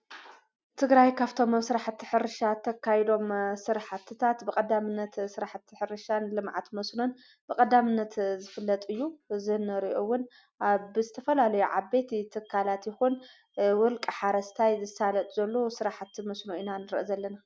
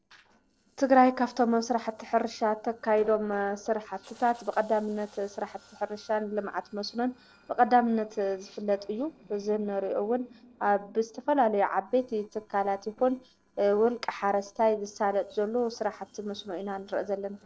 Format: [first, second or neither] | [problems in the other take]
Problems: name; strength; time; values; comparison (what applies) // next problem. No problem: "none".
first | noise reduction (neural separator model SepFormer DNS4)